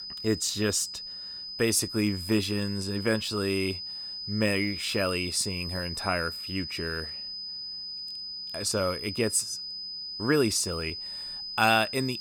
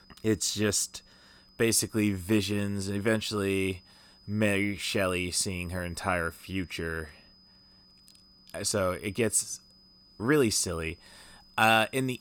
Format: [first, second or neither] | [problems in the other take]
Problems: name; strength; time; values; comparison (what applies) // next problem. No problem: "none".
second | high-pitched whine; loud; throughout; 5 kHz, 7 dB below the speech; faint in the second